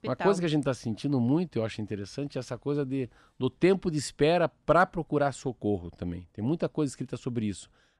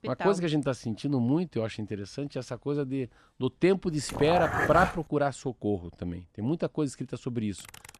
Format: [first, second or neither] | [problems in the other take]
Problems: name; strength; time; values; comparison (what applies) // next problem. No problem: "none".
first | dog barking; loud; at 4 s; peak 2 dB above the speech // keyboard typing; faint; at 7.5 s; peak 20 dB below the speech